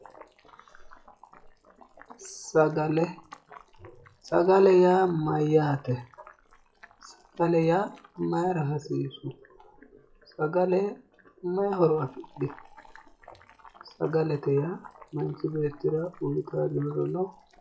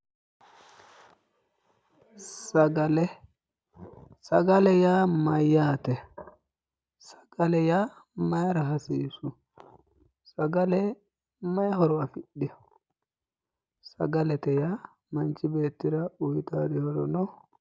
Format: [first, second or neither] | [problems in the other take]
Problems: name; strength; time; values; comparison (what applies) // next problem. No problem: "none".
second | noise reduction (classical method WPE with log-MMSE)